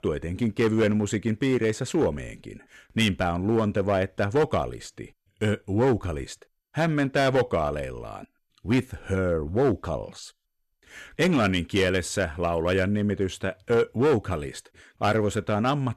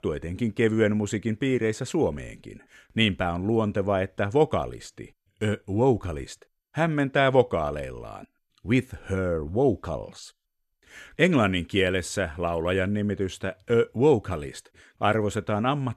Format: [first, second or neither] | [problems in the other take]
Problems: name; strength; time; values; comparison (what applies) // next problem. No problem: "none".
second | distortion; slight; 5% of the sound clipped